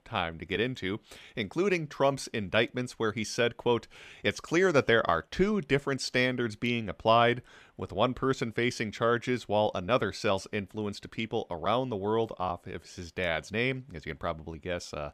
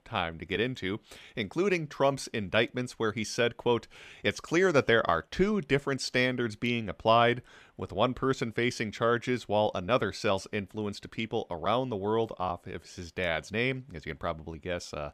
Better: neither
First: none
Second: none

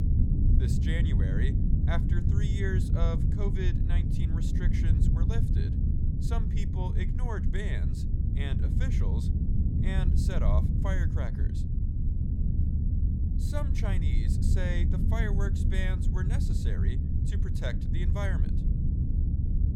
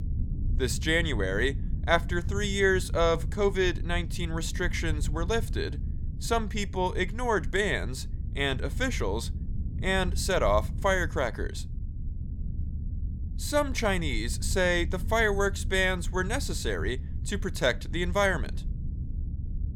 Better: second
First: low rumble; loud; throughout; 1 dB below the speech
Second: low rumble; faint; throughout; 20 dB below the speech

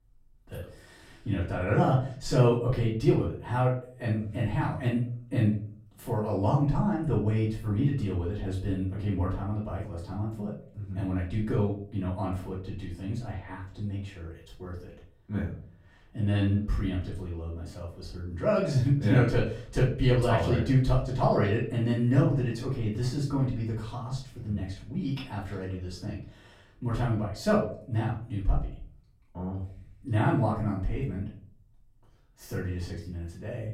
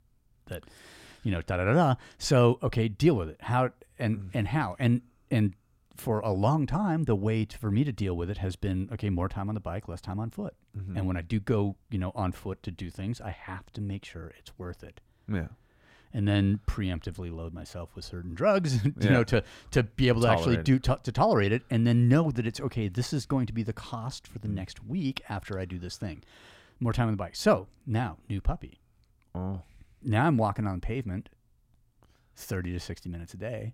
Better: second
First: off-mic speech; far // room echo; noticeable; dies away in 0.4 s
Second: none

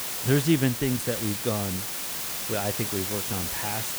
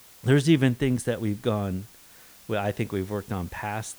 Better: second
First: hiss; loud; throughout; 1 dB below the speech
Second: hiss; faint; throughout; 25 dB below the speech

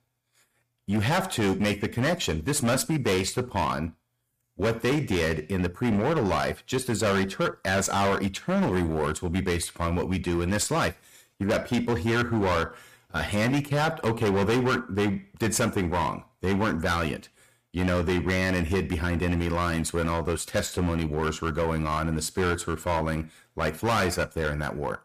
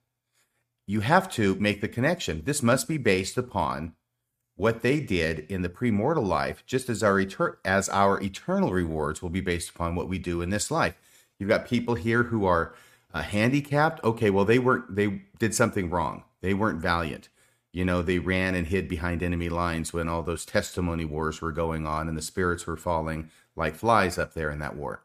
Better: second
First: distortion; heavy; 17% of the sound clipped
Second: none

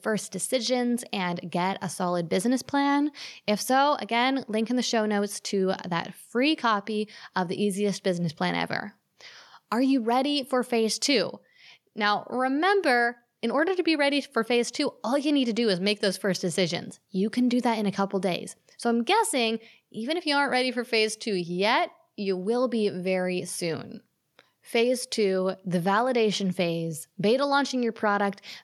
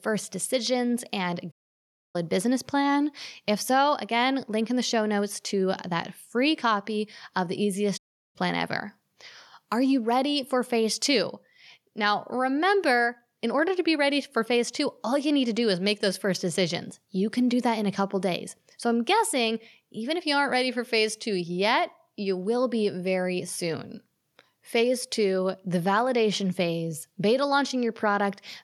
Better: first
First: none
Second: audio cutting out; at 1.5 s for 0.5 s and at 8 s

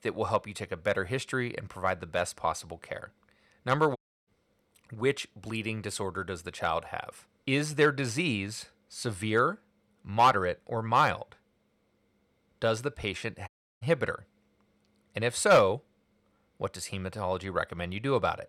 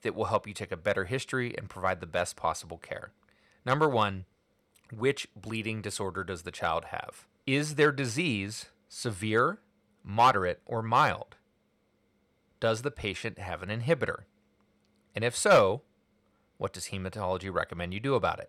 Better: second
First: audio cutting out; at 4 s and at 13 s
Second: none

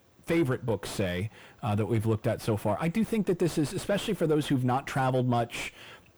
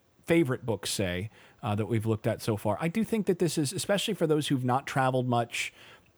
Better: second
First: distortion; slight; 9 dB below the speech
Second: none

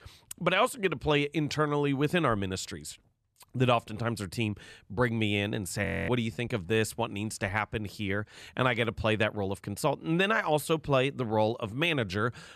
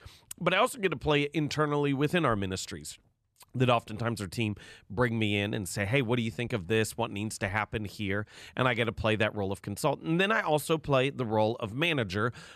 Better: second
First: audio freezing; at 6 s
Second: none

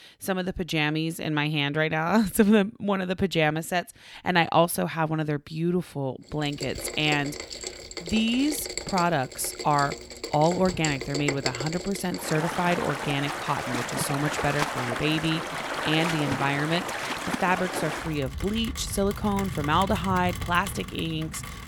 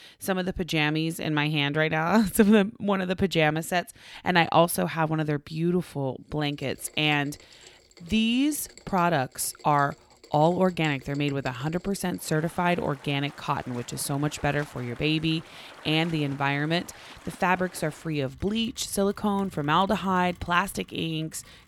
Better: second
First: rain or running water; loud; from 6.5 s on; 6 dB below the speech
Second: rain or running water; faint; from 6.5 s on; 25 dB below the speech

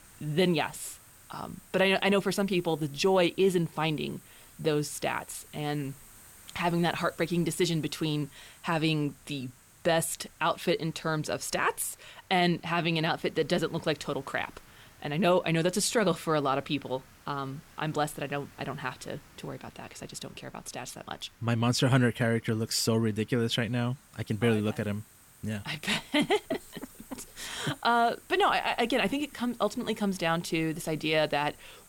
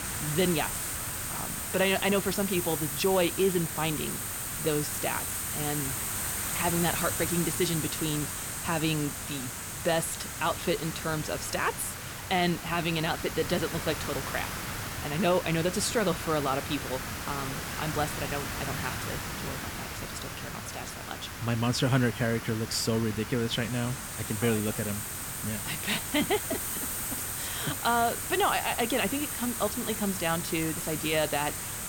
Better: first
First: hiss; faint; throughout; 25 dB below the speech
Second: hiss; loud; throughout; 3 dB below the speech

